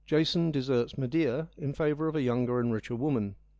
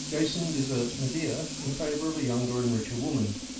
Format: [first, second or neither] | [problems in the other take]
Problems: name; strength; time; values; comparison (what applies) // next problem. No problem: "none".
first | background sound (Tools); 7 dB below the speech // room echo; dies away in 0.3 s